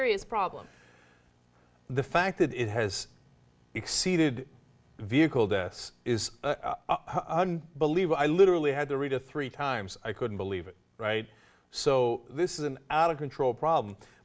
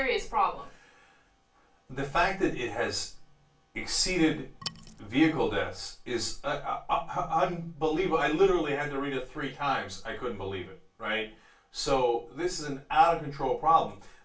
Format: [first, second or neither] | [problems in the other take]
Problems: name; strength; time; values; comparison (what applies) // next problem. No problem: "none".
first | background sound (Wood); 13 dB below the speech // room echo; dies away in 0.2 s